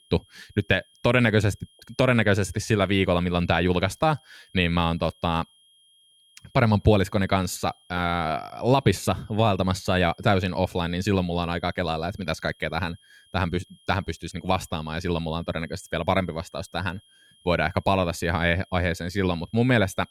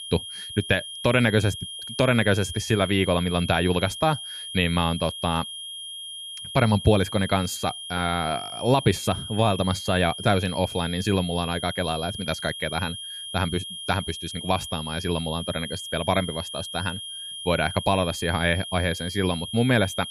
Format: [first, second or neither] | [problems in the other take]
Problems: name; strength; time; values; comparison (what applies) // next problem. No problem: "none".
first | high-pitched whine; loud; throughout; 3 kHz, 9 dB below the speech; faint in the first